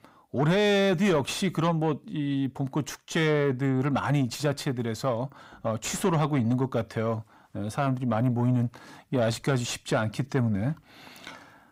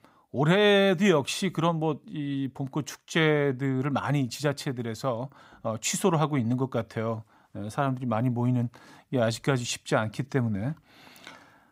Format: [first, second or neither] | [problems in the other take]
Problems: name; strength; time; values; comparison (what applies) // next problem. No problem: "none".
second | distortion; slight; 10 dB below the speech